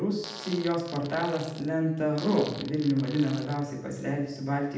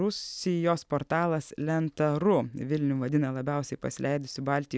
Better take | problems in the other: second | background sound (Fart); 16 dB below the speech // room echo; dies away in 0.8 s

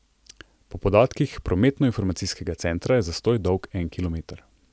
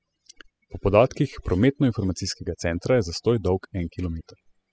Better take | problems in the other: first | noise reduction (classical method spectral subtraction)

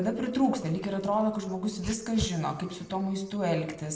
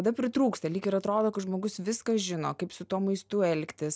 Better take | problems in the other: second | background sound (Dog); 15 dB below the speech // room echo; dies away in 0.8 s

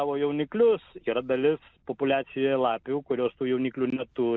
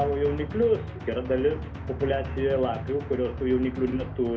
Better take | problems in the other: first | background sound (Drum); 8 dB below the speech // room echo; dies away in 0.3 s

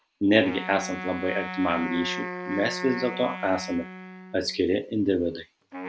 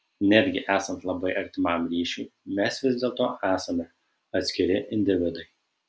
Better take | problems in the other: second | background sound (Wind instrument, woodwind instrument); 9 dB below the speech

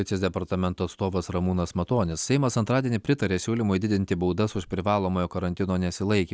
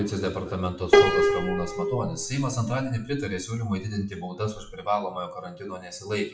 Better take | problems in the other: first | noise reduction (classical method WPE with log-MMSE)

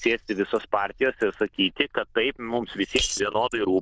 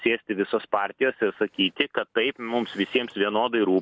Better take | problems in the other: second | noise reduction (neural diffusion model UNIVERSE++)

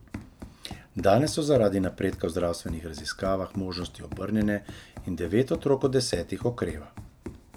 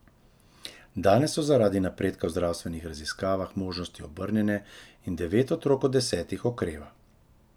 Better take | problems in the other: second | background sound (Run); 15 dB below the speech

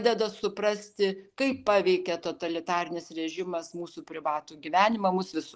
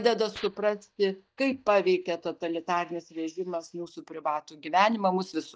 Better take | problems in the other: first | noise reduction (neural mask model DeepFilterNet 3)

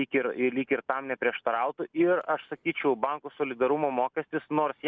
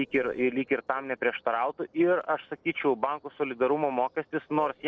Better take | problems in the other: first | noise reduction (neural separator model SepFormer DNS4)

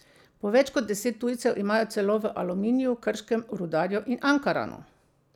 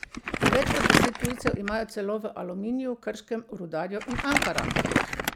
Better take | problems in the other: first | background sound (Crumpling, crinkling); 3 dB above the speech

